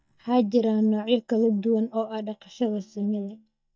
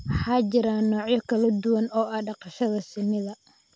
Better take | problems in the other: second | noise reduction (neural mask model DeepFilterNet 3)

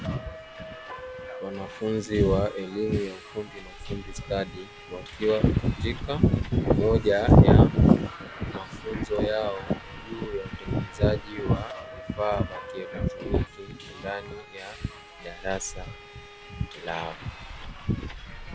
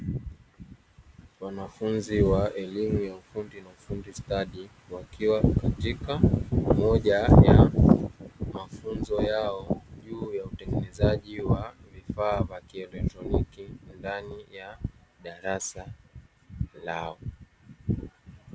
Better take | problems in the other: second | background sound (Subway, metro, underground); 15 dB below the speech

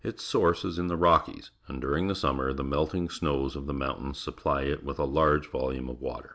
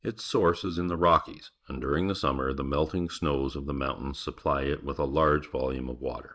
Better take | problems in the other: first | noise reduction (neural mask model Resemble Enhance denoiser)

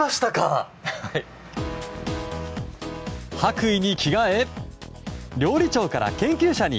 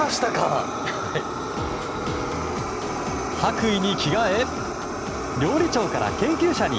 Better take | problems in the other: first | background sound (Fire); 3 dB below the speech

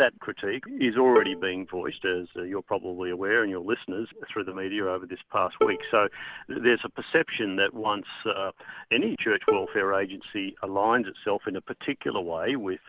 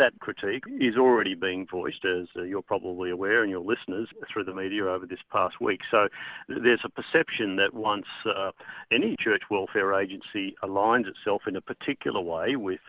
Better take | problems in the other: second | background sound (Bowed string instrument); 5 dB below the speech

